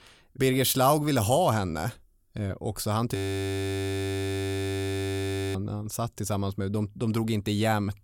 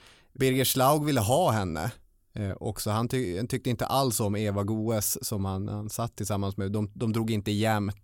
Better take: second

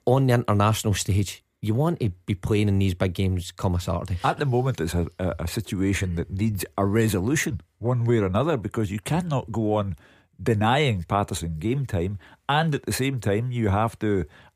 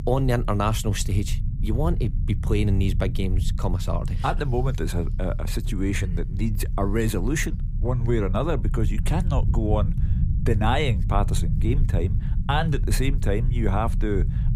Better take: first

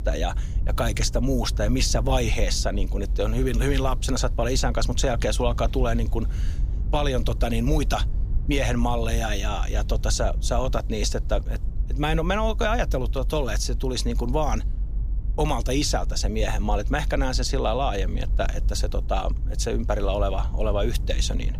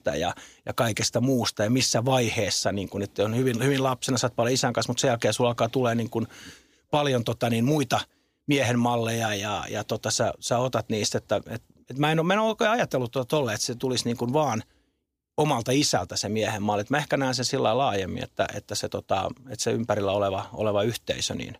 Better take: second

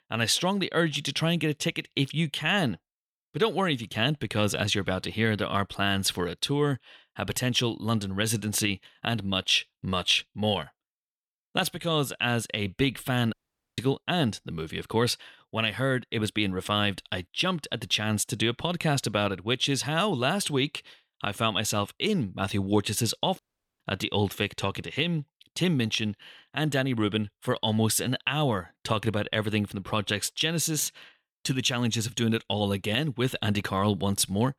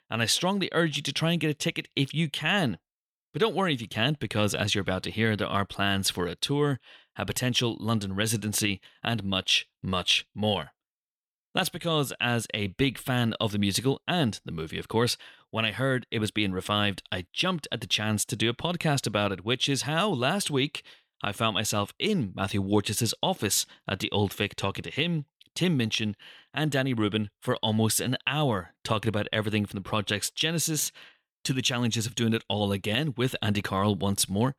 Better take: second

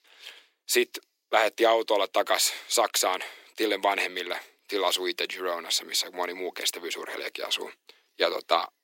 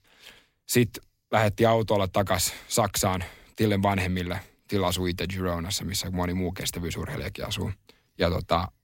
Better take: second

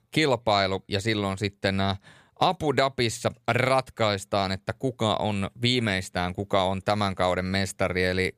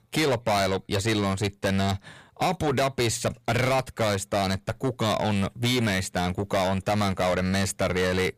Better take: first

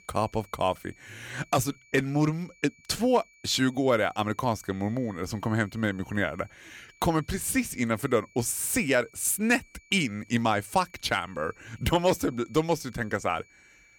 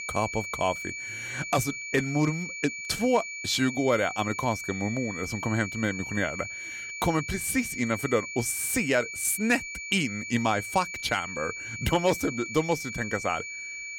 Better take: first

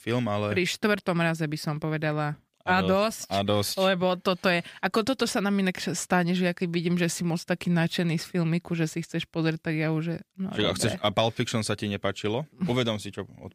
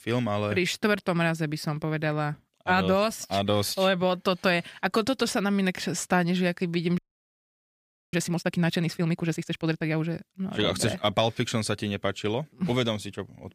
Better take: first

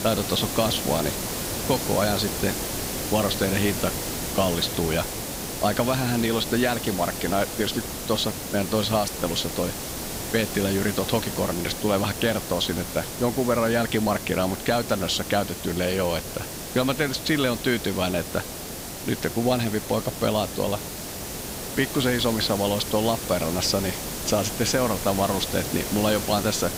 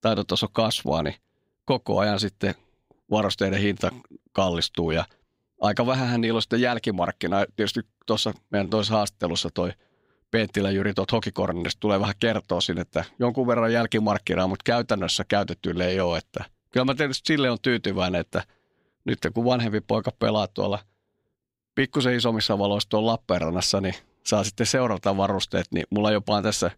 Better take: second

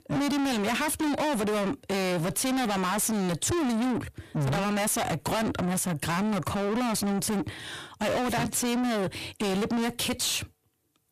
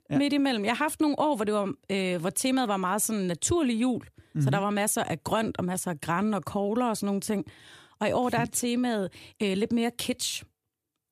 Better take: second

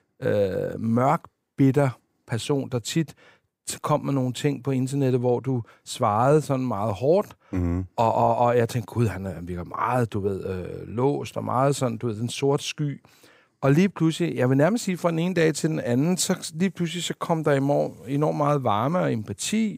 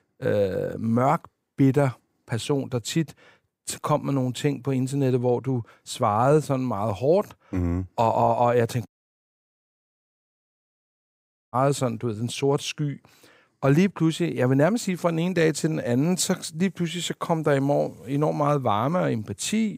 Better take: first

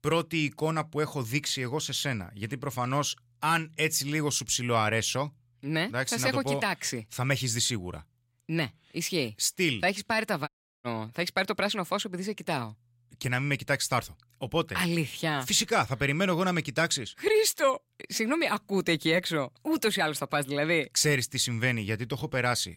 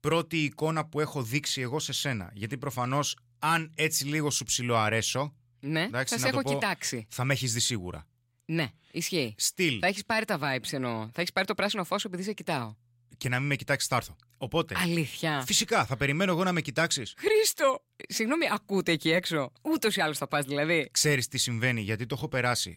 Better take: second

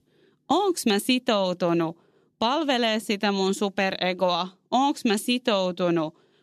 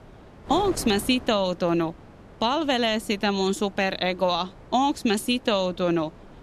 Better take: first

